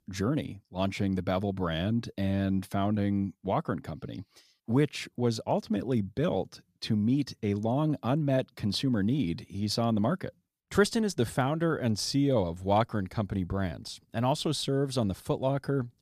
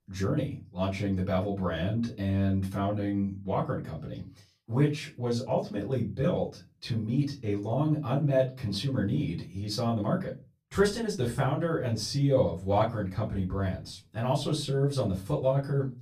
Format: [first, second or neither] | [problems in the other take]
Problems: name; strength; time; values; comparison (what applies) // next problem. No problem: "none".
first | off-mic speech; far // room echo; very slight; dies away in 0.2 s